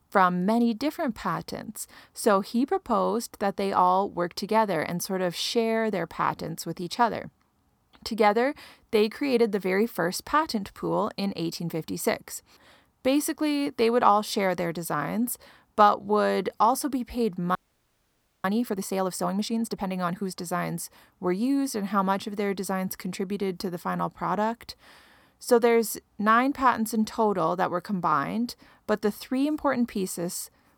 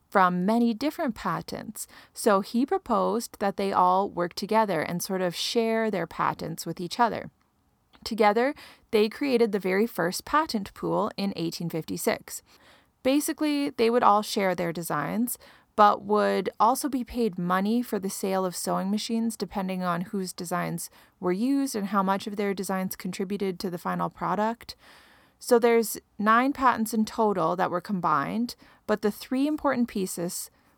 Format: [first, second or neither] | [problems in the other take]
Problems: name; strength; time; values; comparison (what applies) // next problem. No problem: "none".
second | audio freezing; at 18 s for 1 s